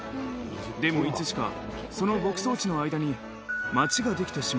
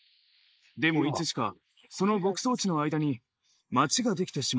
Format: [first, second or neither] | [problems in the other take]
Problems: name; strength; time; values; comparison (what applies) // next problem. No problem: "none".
first | noise reduction (neural mask model Resemble Enhance denoiser)